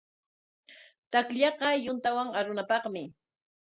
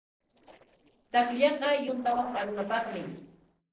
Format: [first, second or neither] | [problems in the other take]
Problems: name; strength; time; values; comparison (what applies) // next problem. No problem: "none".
first | noise reduction (neural separator model SepFormer DNS4)